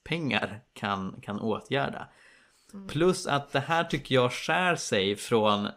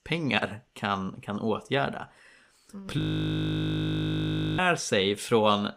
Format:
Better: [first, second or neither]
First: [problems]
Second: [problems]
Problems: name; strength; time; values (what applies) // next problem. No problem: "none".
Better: first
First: none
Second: audio freezing; at 3 s for 1.5 s